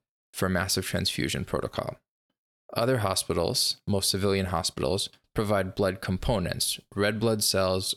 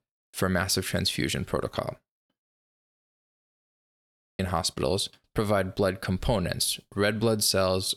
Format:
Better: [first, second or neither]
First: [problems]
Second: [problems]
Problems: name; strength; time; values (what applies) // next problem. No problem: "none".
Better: first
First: none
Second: audio cutting out; at 2.5 s for 2 s